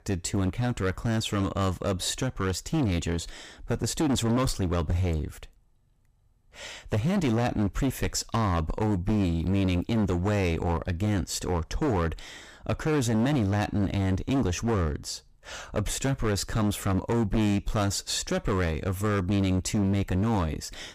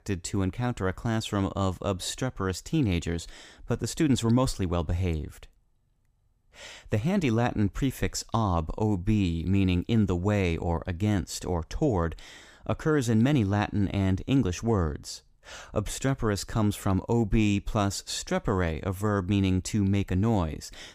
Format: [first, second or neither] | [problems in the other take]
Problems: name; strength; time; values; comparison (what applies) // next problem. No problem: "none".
second | distortion; heavy; 16% of the sound clipped